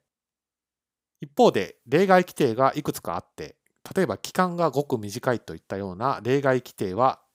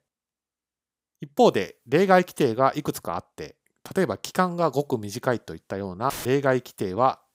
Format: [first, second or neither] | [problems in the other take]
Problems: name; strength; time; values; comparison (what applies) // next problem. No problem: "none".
first | audio cutting out; filled with static; at 6 s